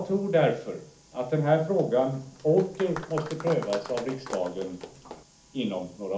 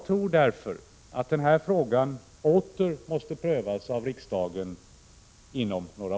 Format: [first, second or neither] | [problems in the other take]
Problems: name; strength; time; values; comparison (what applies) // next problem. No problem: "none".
second | background sound (Applause); 13 dB below the speech // room echo; dies away in 0.4 s